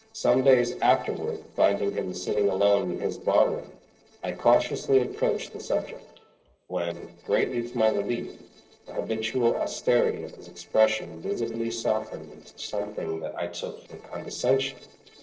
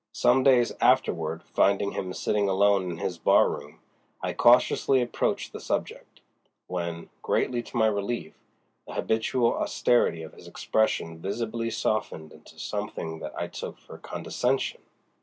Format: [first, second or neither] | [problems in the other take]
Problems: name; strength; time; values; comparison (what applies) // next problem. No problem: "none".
second | noise reduction (neural separator model SepFormer DNS4)